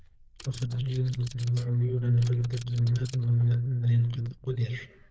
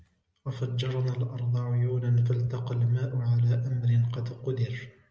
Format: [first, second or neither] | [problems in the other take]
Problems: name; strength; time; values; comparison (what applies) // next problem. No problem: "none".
second | noise reduction (neural diffusion model UNIVERSE++)